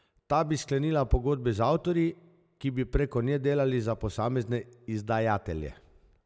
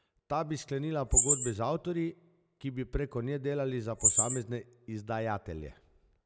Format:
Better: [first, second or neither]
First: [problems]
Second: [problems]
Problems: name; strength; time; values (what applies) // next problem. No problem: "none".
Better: first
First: none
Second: background sound (Chirp, tweet); 3 dB above the speech